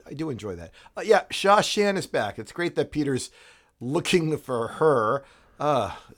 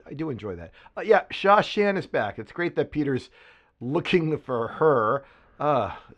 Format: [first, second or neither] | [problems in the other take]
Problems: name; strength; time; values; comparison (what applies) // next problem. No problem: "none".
first | muffled; slightly; fading above 2.5 kHz